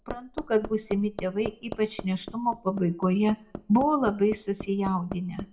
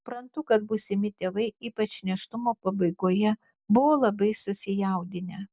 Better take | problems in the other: second | background sound (Hammer); 14 dB below the speech // room echo; dies away in 0.4 s

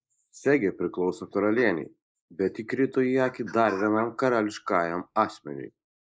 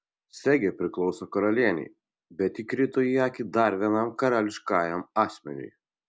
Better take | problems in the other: second | noise reduction (neural mask model Resemble Enhance denoiser)

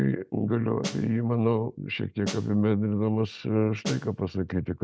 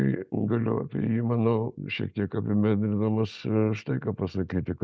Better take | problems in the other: second | background sound (Snare drum); 11 dB below the speech

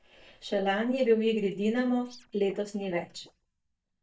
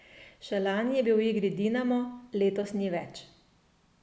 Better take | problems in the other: second | noise reduction (neural mask model DeepFilterNet 3)

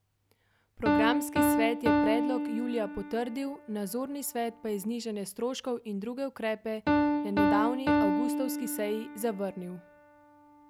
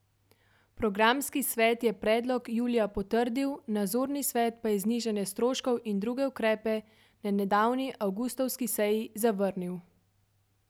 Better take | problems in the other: second | background sound (Piano); 3 dB above the speech

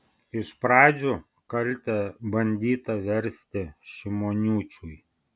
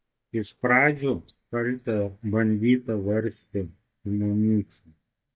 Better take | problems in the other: first | noise reduction (neural mask model DeepFilterNet 3)

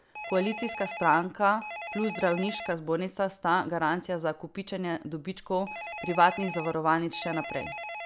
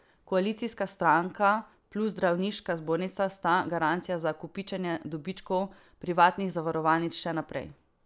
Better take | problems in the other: second | background sound (Telephone); 12 dB below the speech

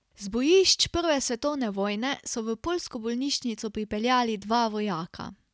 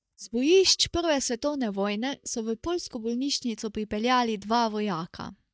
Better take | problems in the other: first | noise reduction (neural mask model DeepFilterNet 3)

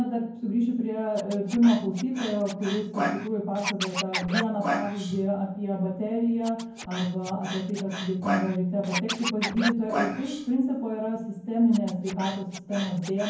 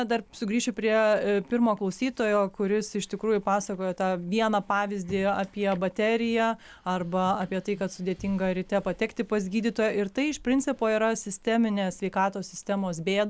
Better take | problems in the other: second | background sound (Scratching (performance technique)); 8 dB below the speech // room echo; dies away in 0.9 s

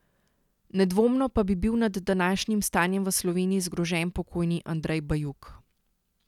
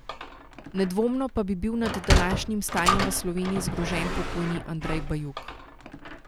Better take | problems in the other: first | background sound (Sliding door); 1 dB below the speech

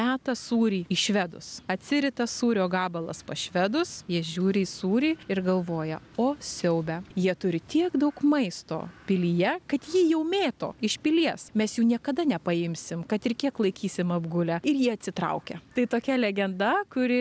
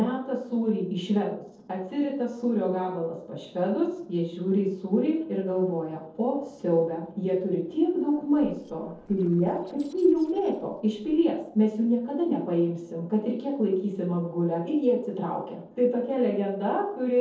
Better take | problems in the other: first | noise reduction (neural separator model SepFormer DNS4)

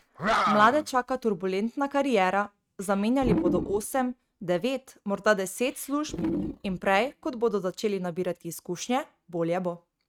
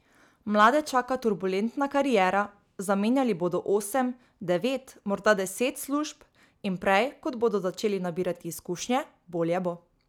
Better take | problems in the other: second | noise reduction (neural mask model RNNoise)

